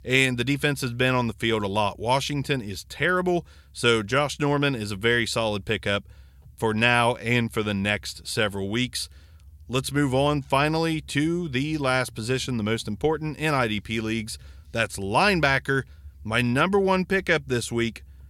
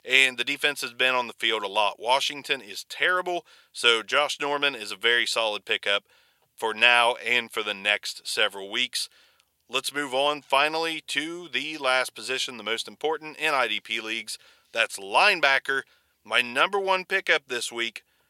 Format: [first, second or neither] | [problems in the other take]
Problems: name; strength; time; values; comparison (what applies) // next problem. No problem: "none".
first | thin; very; fading below 600 Hz